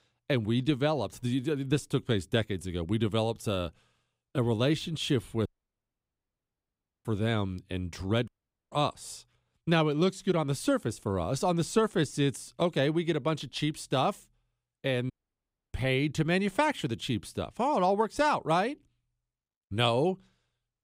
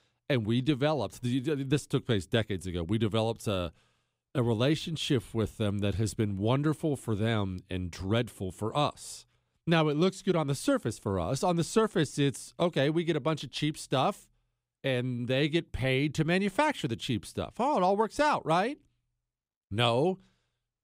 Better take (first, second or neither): second